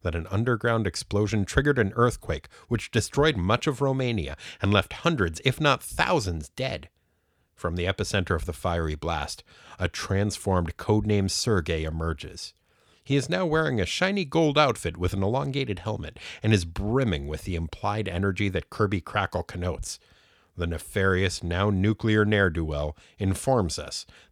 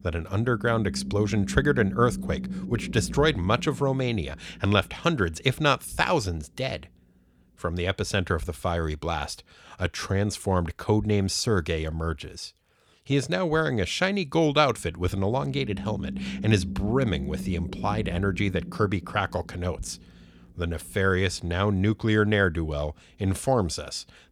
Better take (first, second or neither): first